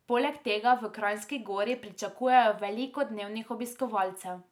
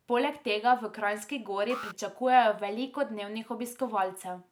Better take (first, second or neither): first